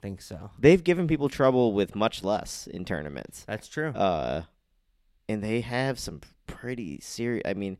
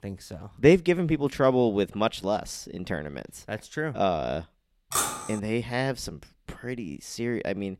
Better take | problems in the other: first | clattering dishes; loud; at 5 s; peak level with the speech

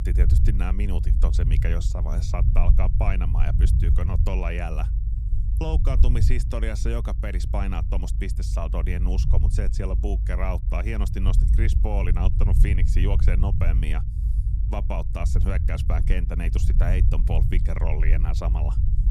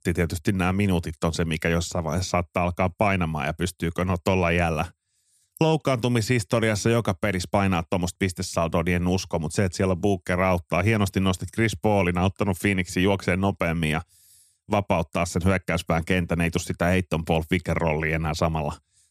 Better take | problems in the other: second | low rumble; loud; throughout; 7 dB below the speech

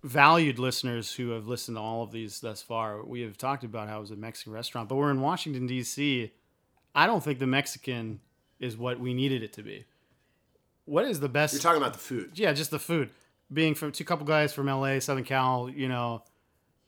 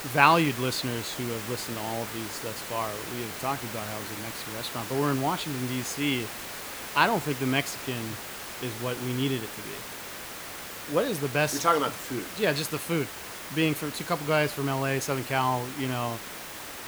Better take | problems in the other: first | hiss; loud; throughout; 8 dB below the speech

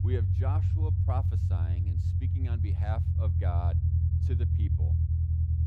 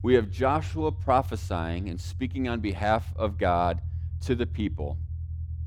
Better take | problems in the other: second | low rumble; loud; throughout; as loud as the speech; faint in the second

